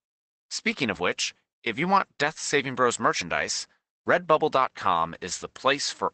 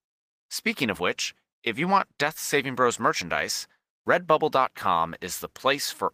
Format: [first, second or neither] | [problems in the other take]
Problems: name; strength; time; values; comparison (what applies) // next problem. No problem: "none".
second | garbled, watery; badly; nothing above 8 kHz; slightly in the second